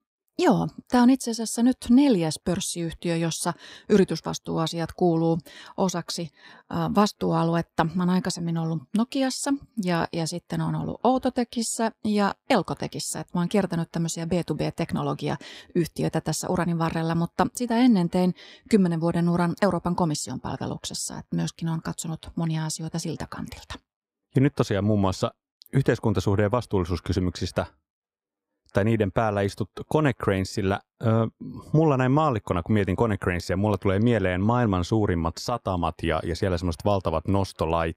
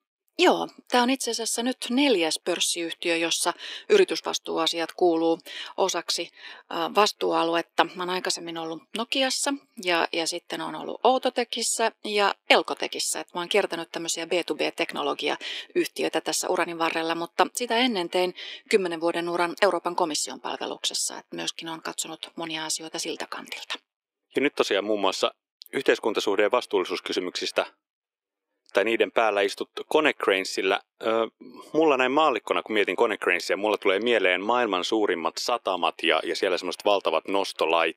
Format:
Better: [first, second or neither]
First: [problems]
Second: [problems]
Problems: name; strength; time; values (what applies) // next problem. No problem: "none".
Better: first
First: none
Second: thin; somewhat; fading below 350 Hz